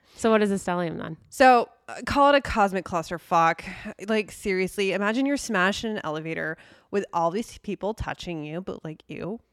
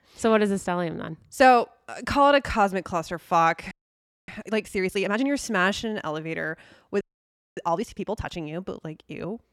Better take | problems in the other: first | audio freezing; at 3.5 s for 0.5 s and at 7 s for 0.5 s

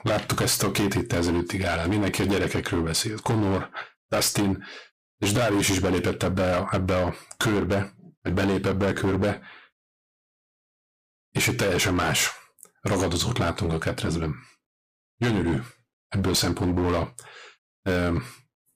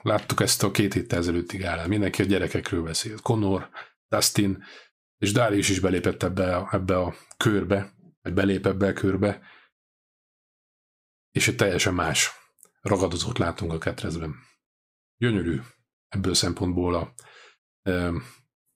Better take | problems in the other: second | distortion; heavy; 17% of the sound clipped

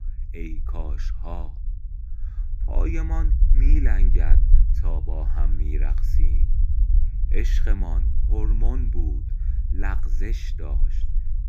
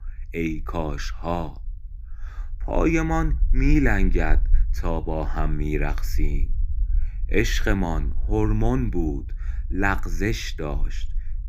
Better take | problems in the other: second | low rumble; loud; throughout; 8 dB below the speech; faint in the second

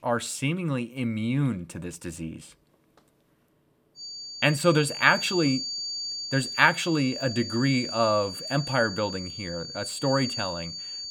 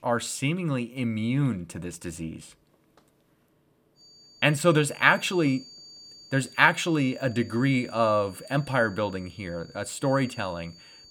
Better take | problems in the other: second | high-pitched whine; loud; from 4 s on; 4.5 kHz, 7 dB below the speech; faint in the second

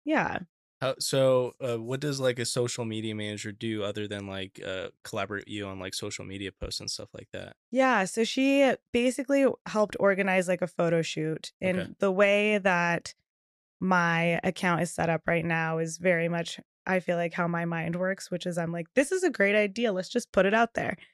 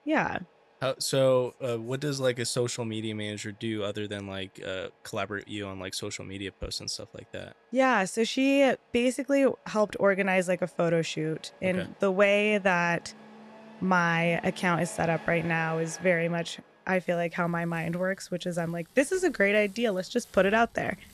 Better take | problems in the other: first | traffic noise; faint; throughout; 25 dB below the speech

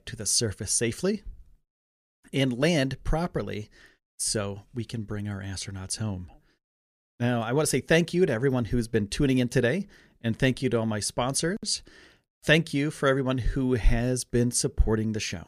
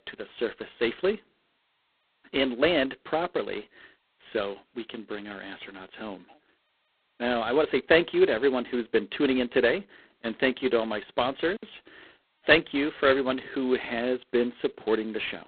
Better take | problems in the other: first | phone-call audio; poor line; nothing above 4 kHz

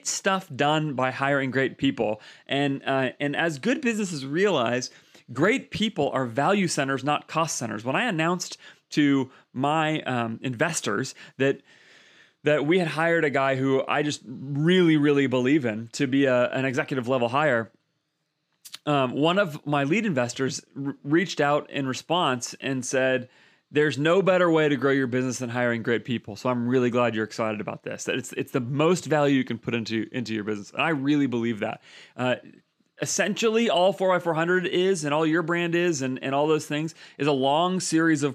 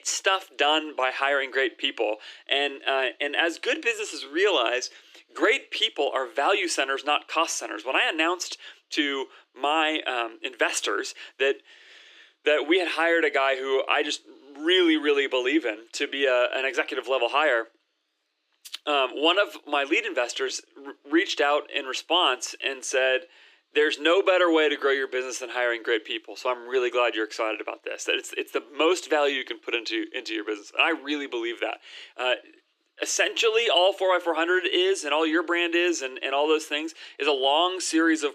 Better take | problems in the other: first | thin; very; fading below 300 Hz

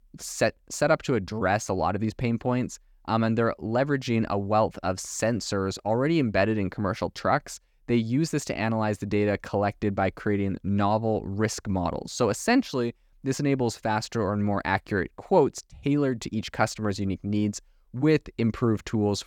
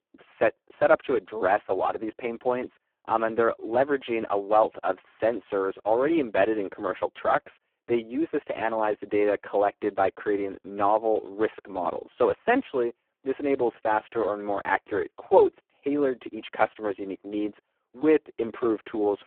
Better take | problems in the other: first | phone-call audio; poor line

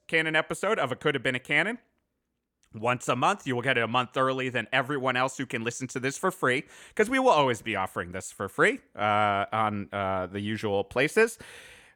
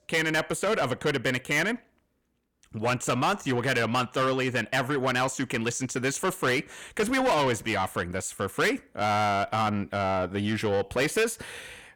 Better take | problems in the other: first | distortion; heavy; 7 dB below the speech

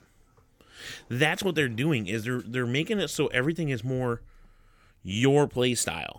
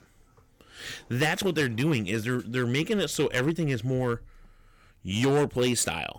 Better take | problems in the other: first | distortion; slight; 5% of the sound clipped

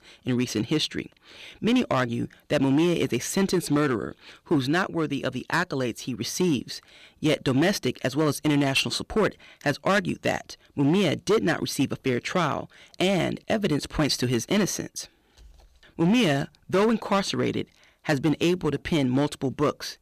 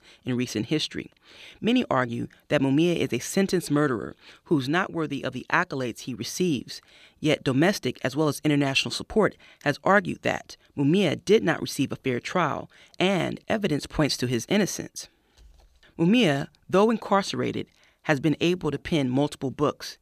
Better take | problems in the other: second | distortion; slight; 7% of the sound clipped

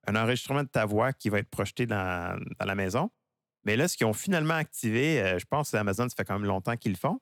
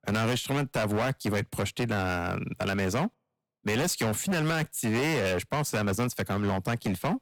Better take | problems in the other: first | distortion; heavy; 22% of the sound clipped

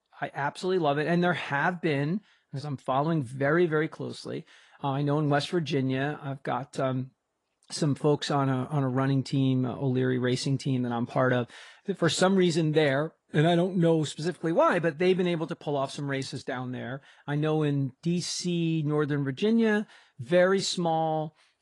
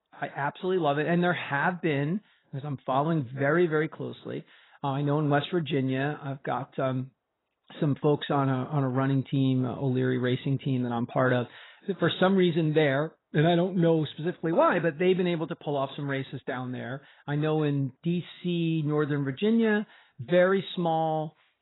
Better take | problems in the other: first | garbled, watery; badly; nothing above 4 kHz; slightly in the first

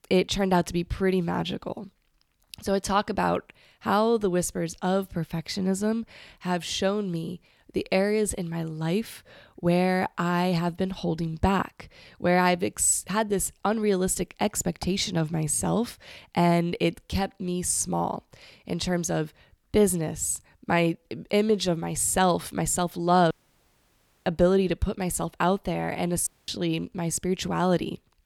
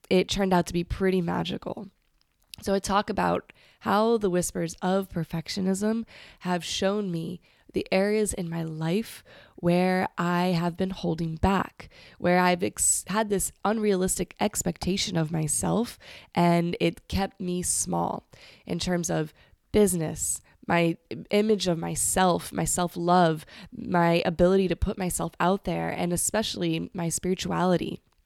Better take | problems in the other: second | audio cutting out; at 23 s for 1 s and at 26 s

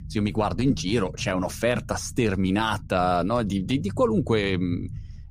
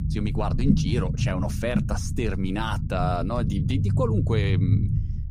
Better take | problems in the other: first | low rumble; loud; throughout; 7 dB below the speech; faint in the first

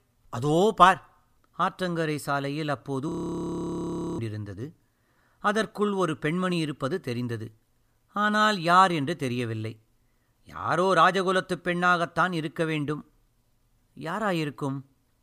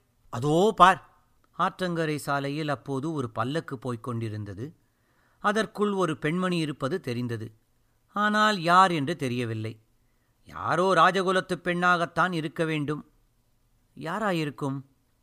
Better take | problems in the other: second | audio freezing; at 3 s for 1 s

